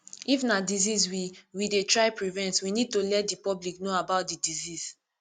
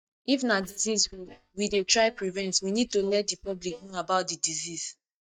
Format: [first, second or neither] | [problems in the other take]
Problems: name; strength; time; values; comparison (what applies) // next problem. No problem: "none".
first | noise reduction (neural mask model DeepFilterNet 3)